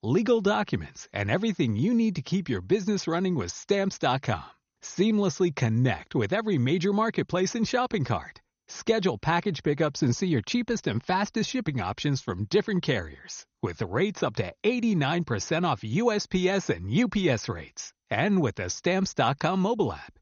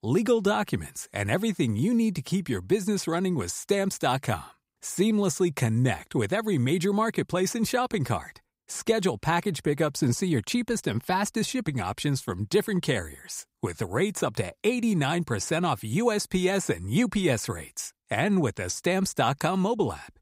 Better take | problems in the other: second | garbled, watery; slightly; nothing above 6.5 kHz

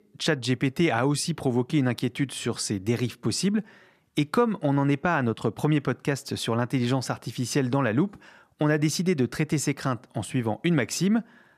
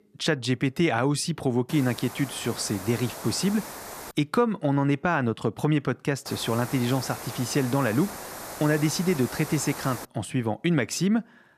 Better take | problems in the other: first | hiss; noticeable; from 1.5 to 4 s and from 6.5 to 10 s; 10 dB below the speech

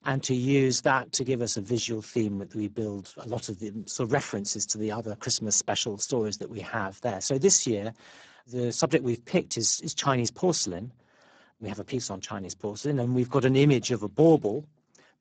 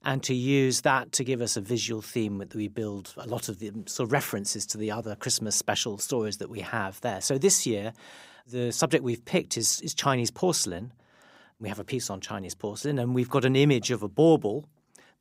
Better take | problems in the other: second | garbled, watery; badly; nothing above 7.5 kHz

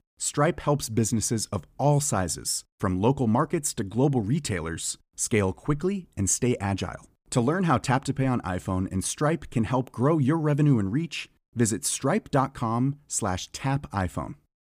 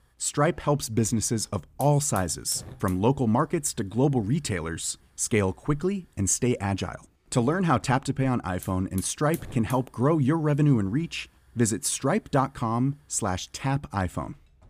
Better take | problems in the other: first | hiss; faint; throughout; 20 dB below the speech

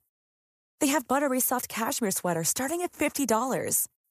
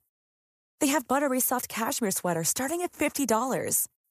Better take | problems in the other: neither | none

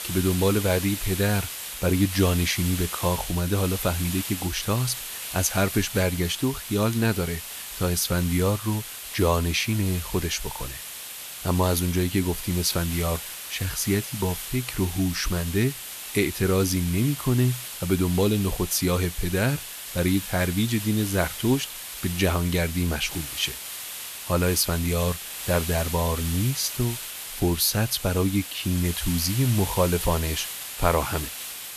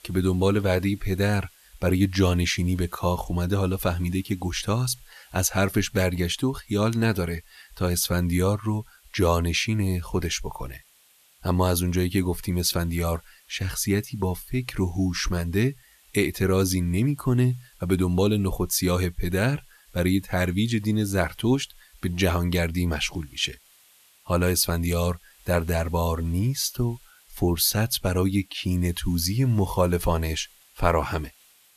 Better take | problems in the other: second | hiss; loud; throughout; 7 dB below the speech; faint in the second

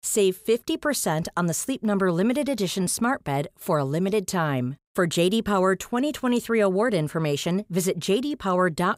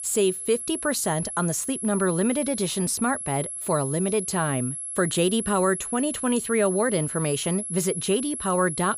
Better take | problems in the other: first | high-pitched whine; loud; throughout; 11 kHz, 5 dB below the speech

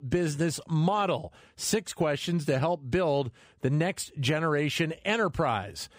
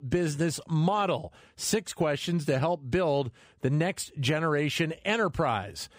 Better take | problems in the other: neither | none

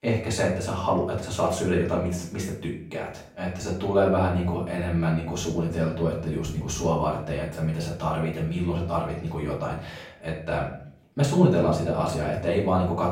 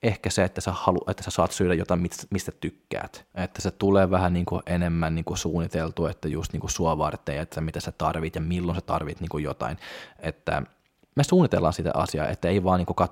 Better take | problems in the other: second | off-mic speech; far // room echo; noticeable; dies away in 0.5 s

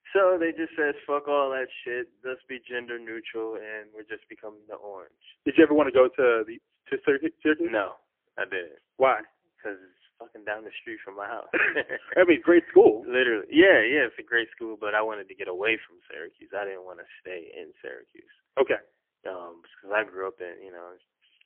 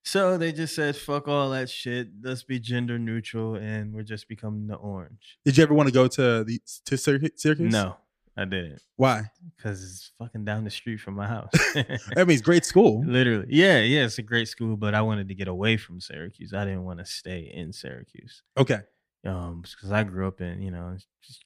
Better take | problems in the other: second | phone-call audio; poor line; nothing above 3 kHz

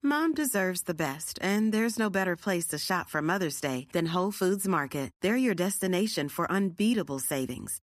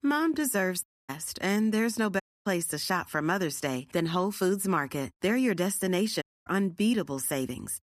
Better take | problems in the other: first | audio cutting out; at 1 s, at 2 s and at 6 s

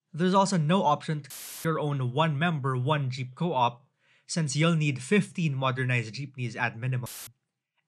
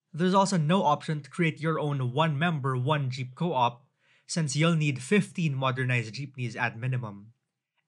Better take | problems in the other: second | audio cutting out; filled with static; at 1.5 s and at 7 s

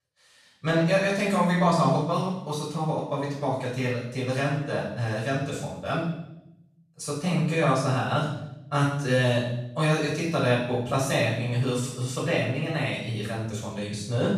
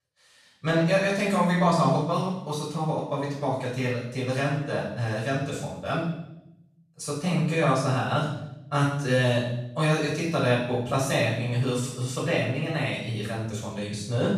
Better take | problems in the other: neither | off-mic speech; far; the same in both // room echo; noticeable; dies away in 0.8 s; the same in both

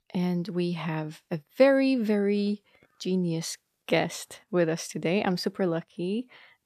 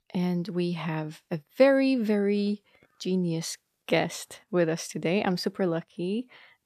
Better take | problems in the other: neither | none

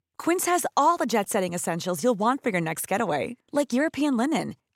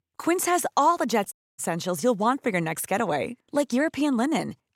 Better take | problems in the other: first | audio cutting out; at 1.5 s

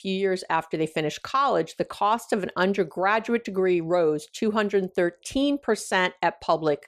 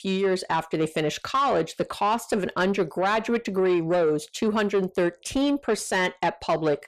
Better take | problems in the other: first | distortion; slight; 10 dB below the speech

